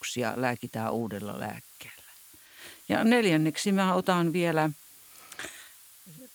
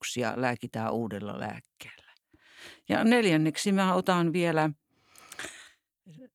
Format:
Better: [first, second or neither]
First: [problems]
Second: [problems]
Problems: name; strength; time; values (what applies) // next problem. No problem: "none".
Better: second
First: hiss; faint; throughout; 25 dB below the speech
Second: none